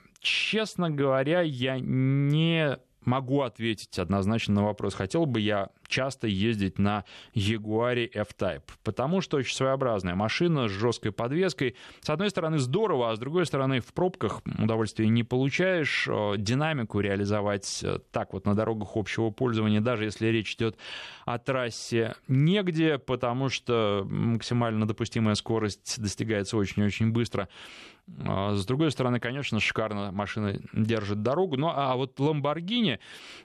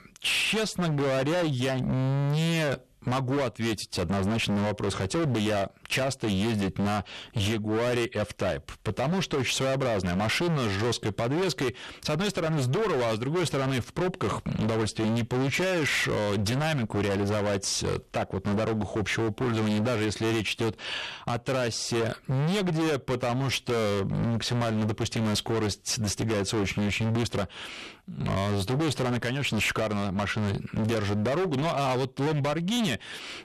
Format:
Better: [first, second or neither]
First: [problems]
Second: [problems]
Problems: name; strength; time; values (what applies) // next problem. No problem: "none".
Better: first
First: none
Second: distortion; heavy; 34% of the sound clipped